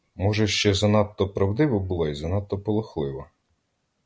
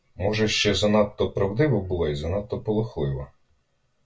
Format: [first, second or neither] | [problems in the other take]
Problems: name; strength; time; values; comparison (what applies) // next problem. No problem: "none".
first | room echo; dies away in 0.1 s